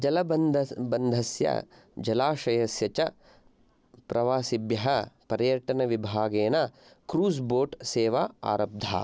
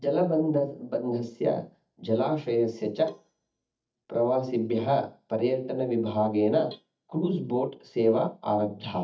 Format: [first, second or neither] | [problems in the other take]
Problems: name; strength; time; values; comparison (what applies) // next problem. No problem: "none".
first | noise reduction (neural mask model DeepFilterNet 3)